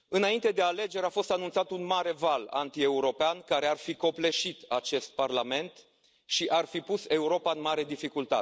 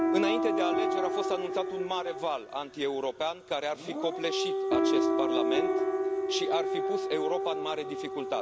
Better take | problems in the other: first | background sound (Siren / Dog + Piano); 3 dB above the speech

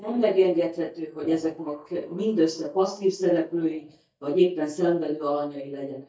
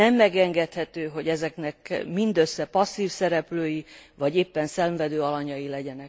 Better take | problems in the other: second | noise reduction (neural mask model DeepFilterNet 3)

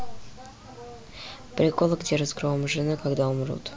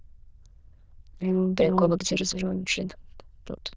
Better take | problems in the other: first | noise reduction (neural diffusion model UNIVERSE++)

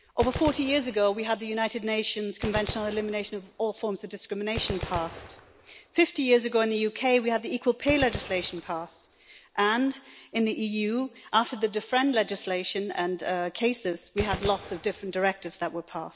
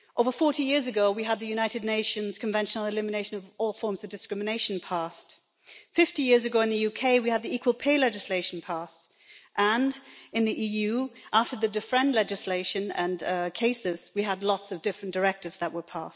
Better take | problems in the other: second | background sound (Gunshot, gunfire); 14 dB below the speech

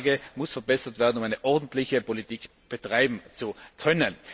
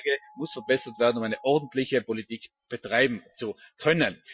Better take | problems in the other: first | noise reduction (classical method Wiener filter)

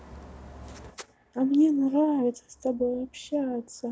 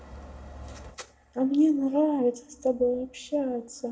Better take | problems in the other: first | room echo; dies away in 0.4 s

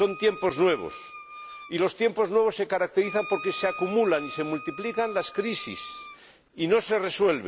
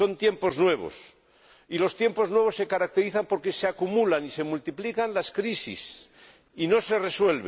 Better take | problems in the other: second | background sound (Wind instrument, woodwind instrument); 15 dB below the speech

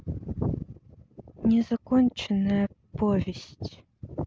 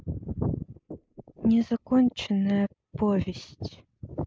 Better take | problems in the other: first | noise reduction (neural mask model Resemble Enhance denoiser)

